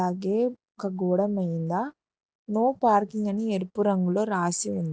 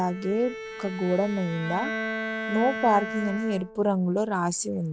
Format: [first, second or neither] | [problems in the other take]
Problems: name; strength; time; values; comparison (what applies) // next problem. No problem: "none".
first | background sound (Bowed string instrument); 8 dB below the speech